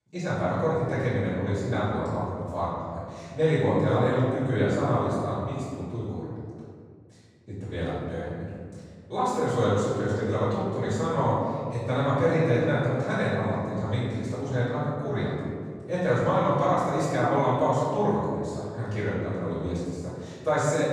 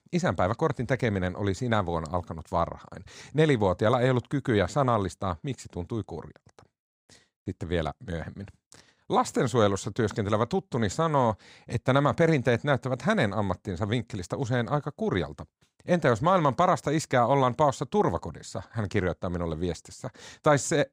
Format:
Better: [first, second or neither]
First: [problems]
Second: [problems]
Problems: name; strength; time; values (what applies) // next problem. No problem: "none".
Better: second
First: room echo; strong; dies away in 1.9 s // off-mic speech; far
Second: none